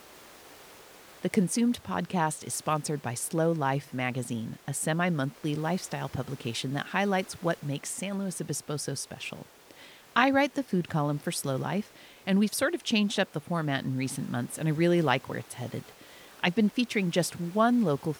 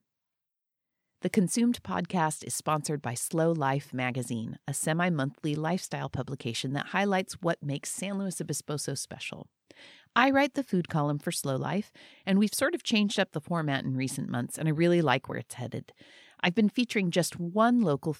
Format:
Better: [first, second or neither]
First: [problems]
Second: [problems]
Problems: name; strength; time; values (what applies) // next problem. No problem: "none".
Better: second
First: hiss; faint; throughout; 25 dB below the speech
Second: none